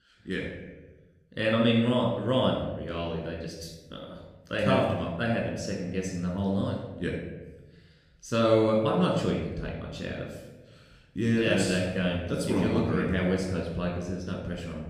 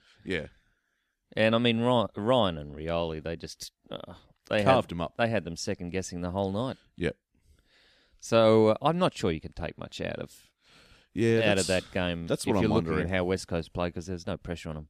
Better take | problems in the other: second | off-mic speech; somewhat distant // room echo; noticeable; dies away in 1 s

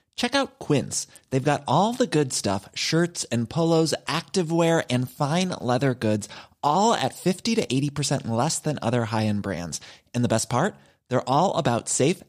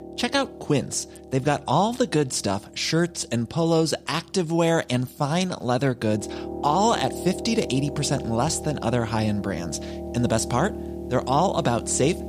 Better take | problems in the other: first | background music; noticeable; throughout; 10 dB below the speech

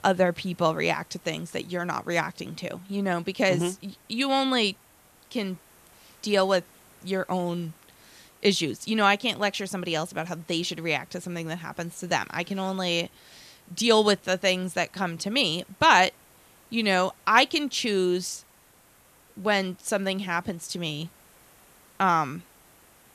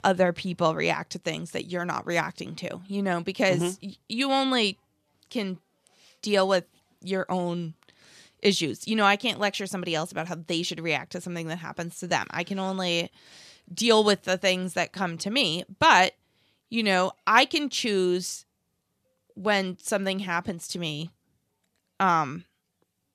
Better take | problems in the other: second | hiss; faint; throughout; 30 dB below the speech

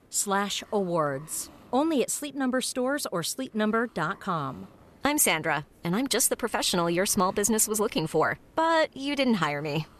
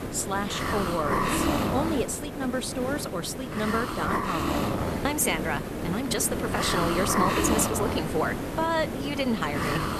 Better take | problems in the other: first | hiss; loud; throughout; as loud as the speech; faint in the first

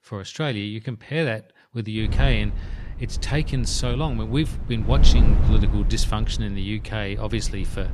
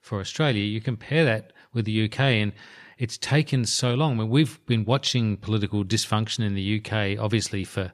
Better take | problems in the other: second | wind noise on the microphone; occasional gusts; from 2 s on; 10 dB below the speech

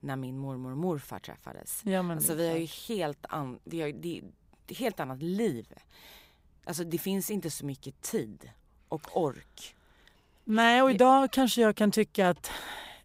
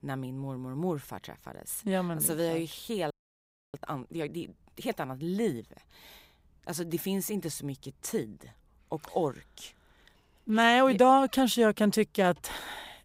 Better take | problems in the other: first | audio freezing; at 3 s for 0.5 s

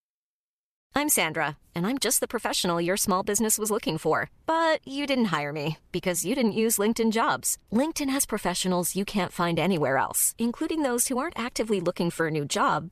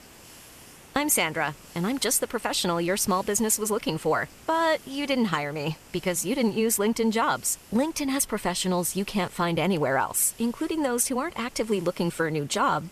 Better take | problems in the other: first | hiss; faint; throughout; 25 dB below the speech

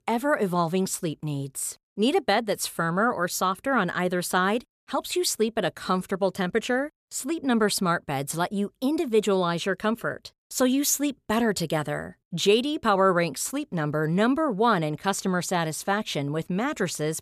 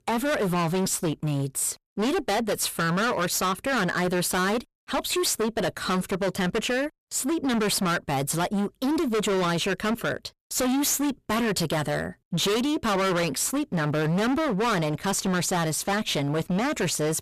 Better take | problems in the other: first | distortion; heavy; 29% of the sound clipped

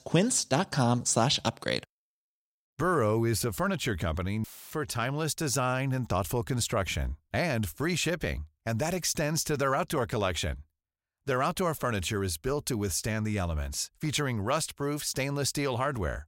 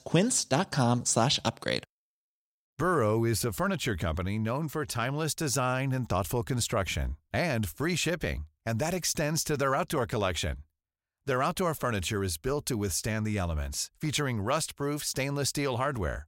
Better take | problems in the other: second | audio cutting out; filled with static; at 4.5 s

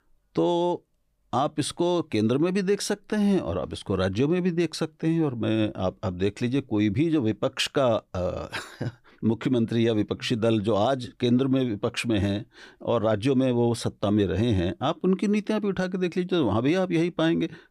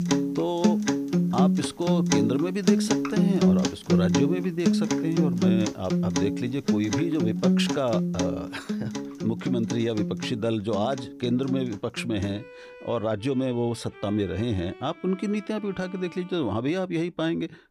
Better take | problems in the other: first | background music; very loud; throughout; 3 dB above the speech

